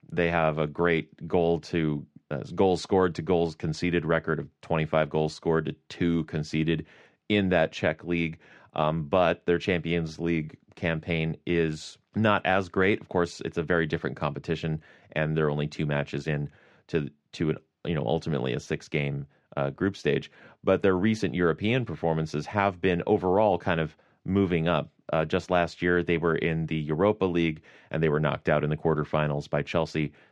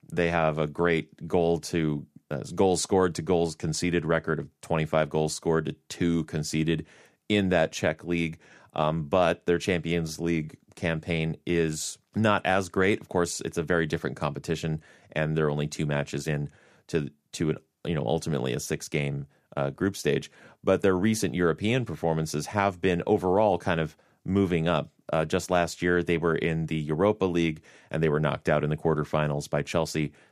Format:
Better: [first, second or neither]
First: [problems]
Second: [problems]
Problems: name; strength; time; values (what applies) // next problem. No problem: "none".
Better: second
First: muffled; slightly; fading above 3 kHz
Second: none